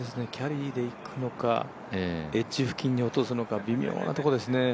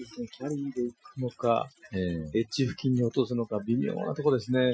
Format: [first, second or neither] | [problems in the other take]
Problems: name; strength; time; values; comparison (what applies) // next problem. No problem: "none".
first | noise reduction (classical method Wiener filter)